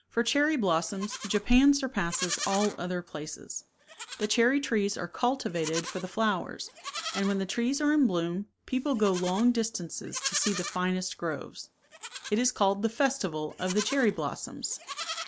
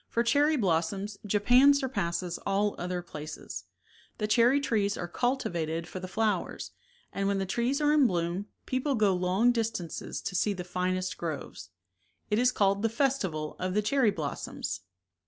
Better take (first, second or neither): second